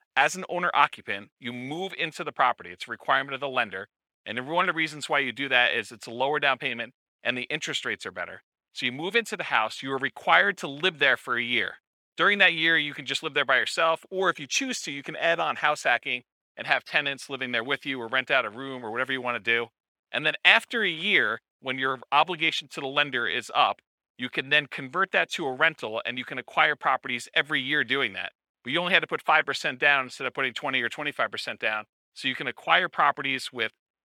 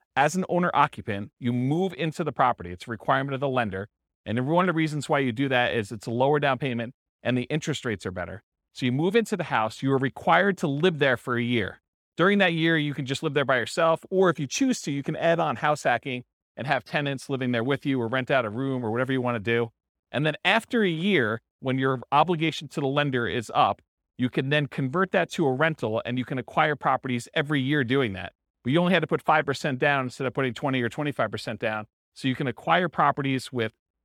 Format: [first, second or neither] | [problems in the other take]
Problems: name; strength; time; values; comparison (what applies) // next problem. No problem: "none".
second | thin; somewhat; fading below 700 Hz